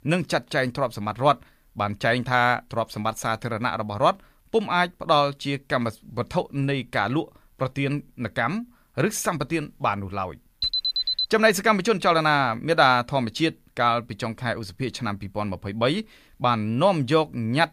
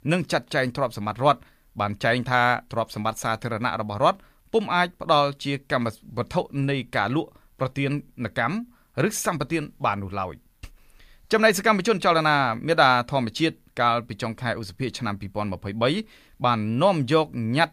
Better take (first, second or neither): second